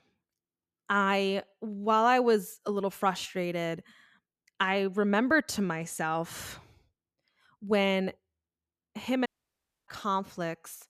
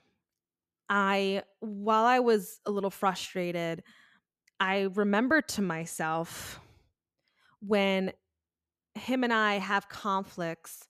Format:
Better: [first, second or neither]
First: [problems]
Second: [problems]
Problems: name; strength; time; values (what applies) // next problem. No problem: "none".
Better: second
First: audio cutting out; at 9.5 s for 0.5 s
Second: none